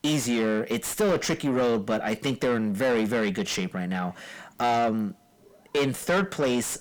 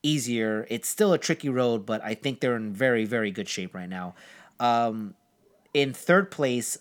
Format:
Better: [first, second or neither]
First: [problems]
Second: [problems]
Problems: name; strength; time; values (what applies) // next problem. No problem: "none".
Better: second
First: distortion; heavy; 6 dB below the speech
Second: none